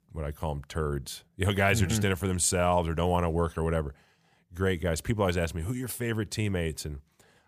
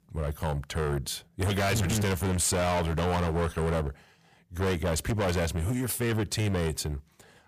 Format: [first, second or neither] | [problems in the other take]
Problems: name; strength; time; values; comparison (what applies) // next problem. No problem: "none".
first | distortion; heavy; 23% of the sound clipped